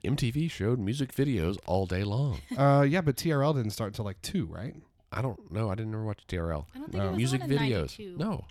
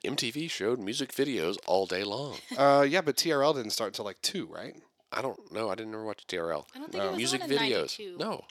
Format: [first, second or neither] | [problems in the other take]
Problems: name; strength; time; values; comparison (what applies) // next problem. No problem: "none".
first | thin; somewhat; fading below 400 Hz